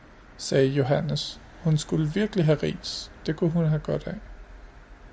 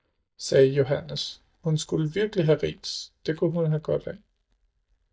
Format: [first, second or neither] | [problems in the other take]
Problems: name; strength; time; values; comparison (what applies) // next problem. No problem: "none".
first | noise reduction (neural mask model DeepFilterNet 3)